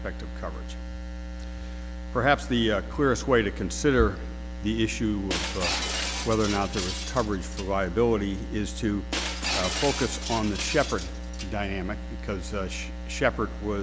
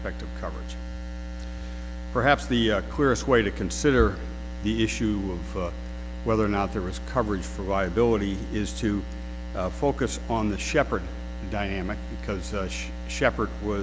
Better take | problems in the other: second | background sound (Shatter); 7 dB below the speech

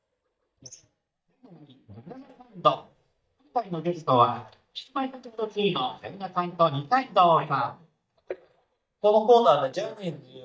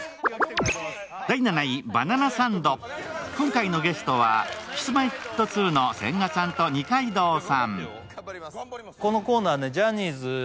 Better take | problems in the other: second | noise reduction (neural mask model DeepFilterNet 3)

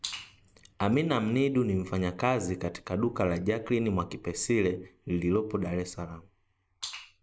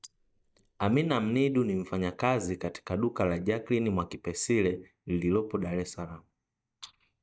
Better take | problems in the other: first | noise reduction (neural mask model DeepFilterNet 3)

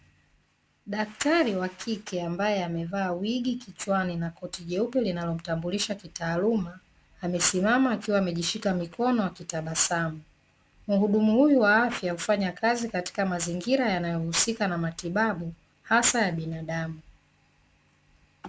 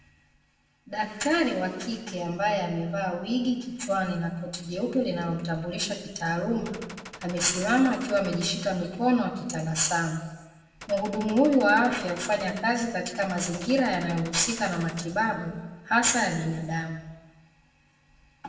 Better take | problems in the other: first | background sound (Gunshot, gunfire); 16 dB below the speech // room echo; dies away in 1 s

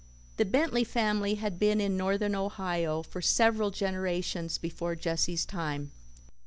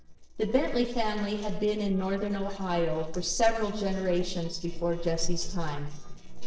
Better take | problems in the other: first | noise reduction (neural separator model SepFormer DNS4)

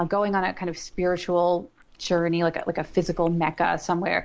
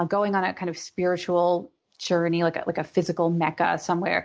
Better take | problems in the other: second | noise reduction (neural mask model Resemble Enhance denoiser)

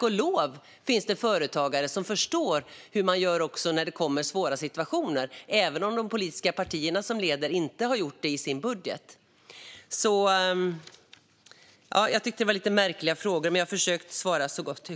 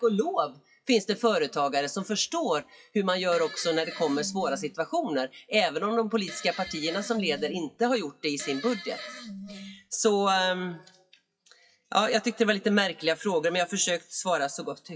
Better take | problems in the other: first | noise reduction (classical method WPE with log-MMSE)

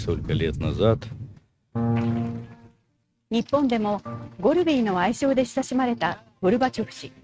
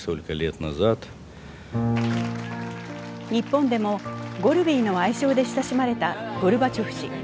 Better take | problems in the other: second | noise reduction (neural mask model RNNoise)

